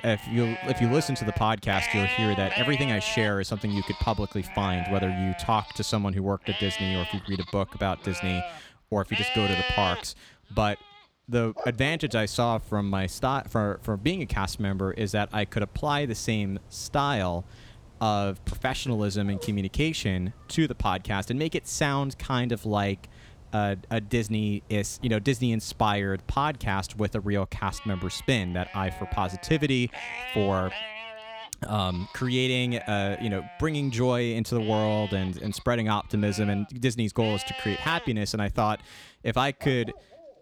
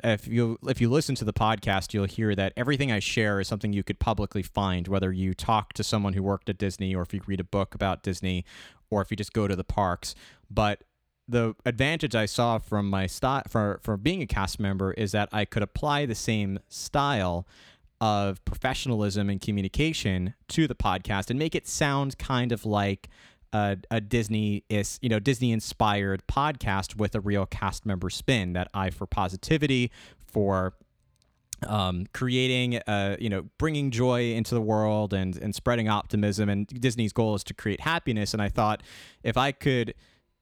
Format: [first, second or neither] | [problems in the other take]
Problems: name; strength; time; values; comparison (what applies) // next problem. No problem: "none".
second | animal sounds; loud; throughout; 6 dB below the speech